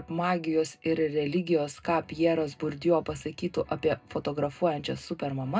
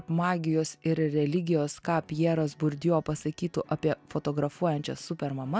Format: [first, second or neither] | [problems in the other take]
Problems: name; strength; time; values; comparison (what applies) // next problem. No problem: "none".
second | room echo; dies away in 0.2 s